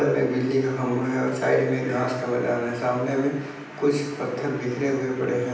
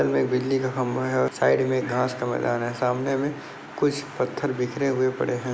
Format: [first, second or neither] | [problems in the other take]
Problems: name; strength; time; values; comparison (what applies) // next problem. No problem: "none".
second | room echo; dies away in 0.9 s